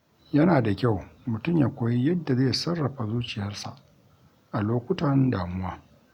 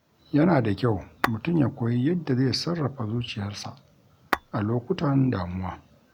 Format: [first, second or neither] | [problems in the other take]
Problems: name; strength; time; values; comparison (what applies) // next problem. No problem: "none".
first | background sound (Tap / Glass); 10 dB below the speech